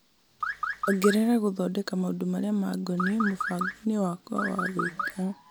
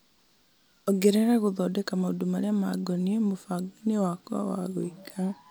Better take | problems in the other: second | background sound (Car); 5 dB below the speech

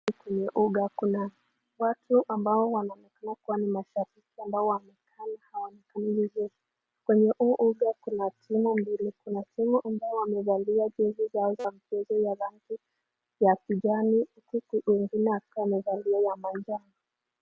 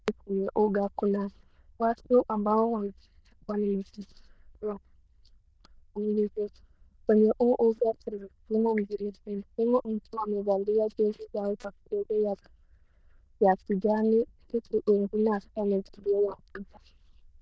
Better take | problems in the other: first | noise reduction (neural diffusion model UNIVERSE++)

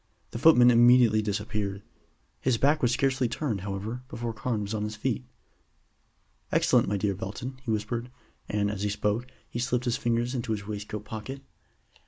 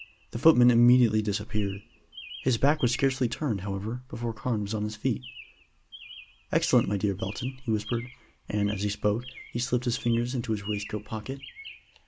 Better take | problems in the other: first | background sound (Chirp, tweet); 20 dB below the speech

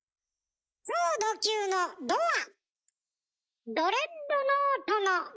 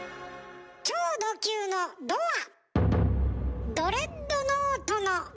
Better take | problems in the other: second | noise reduction (neural mask model Resemble Enhance denoiser)

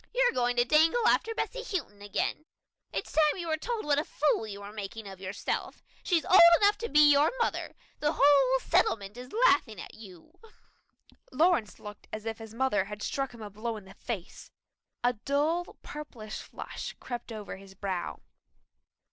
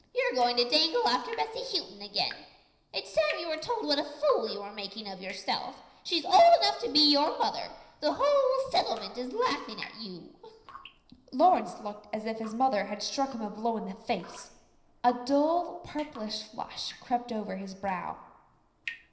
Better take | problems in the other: first | noise reduction (neural separator model SepFormer DNS4)

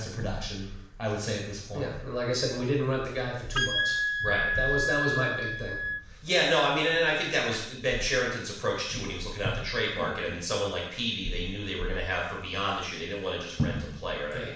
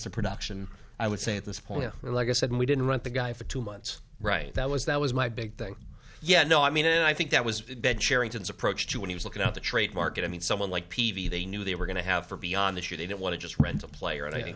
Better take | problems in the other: second | background sound (Wind instrument, woodwind instrument); as loud as the speech // room echo; dies away in 0.7 s

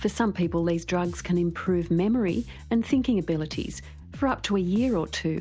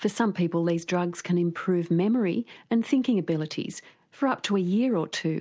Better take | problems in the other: second | background sound (Bass guitar); 15 dB below the speech

